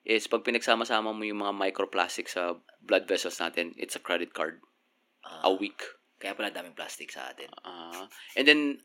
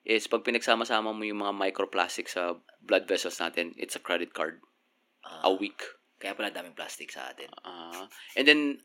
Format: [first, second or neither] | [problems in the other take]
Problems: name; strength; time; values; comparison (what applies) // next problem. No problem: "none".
neither | thin; very slightly; fading below 250 Hz; the same in both